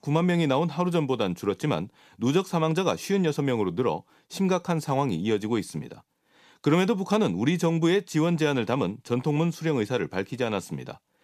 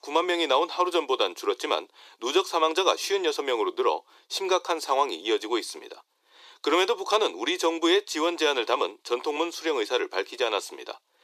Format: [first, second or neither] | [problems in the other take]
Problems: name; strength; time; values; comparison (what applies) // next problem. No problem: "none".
first | thin; very; fading below 350 Hz